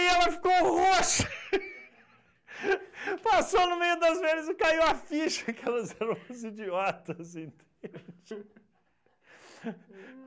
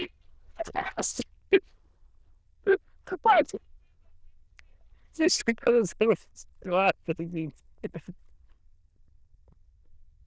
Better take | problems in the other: first | noise reduction (neural diffusion model UNIVERSE++)

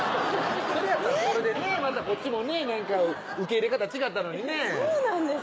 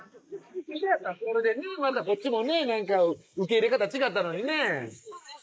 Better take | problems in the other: first | noise reduction (neural mask model Resemble Enhance denoiser)

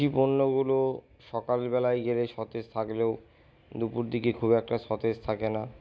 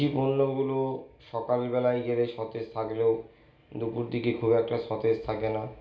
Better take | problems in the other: first | room echo; dies away in 0.4 s

